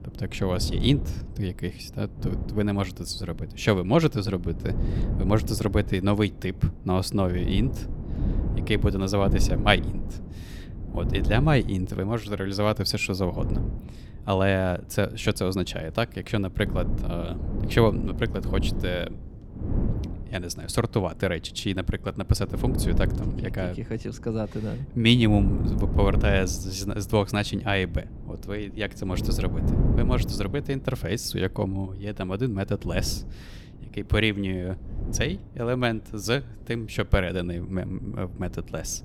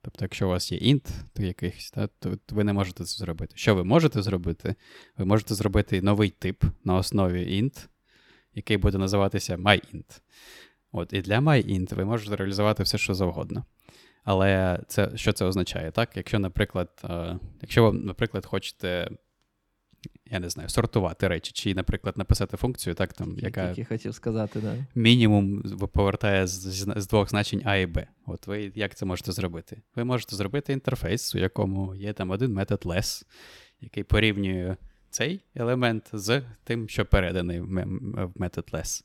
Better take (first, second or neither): second